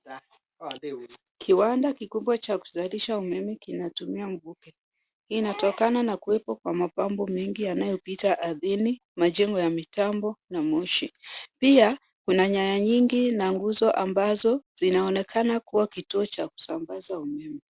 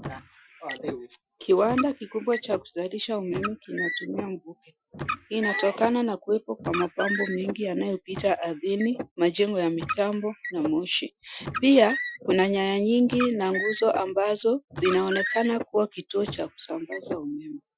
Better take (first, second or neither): first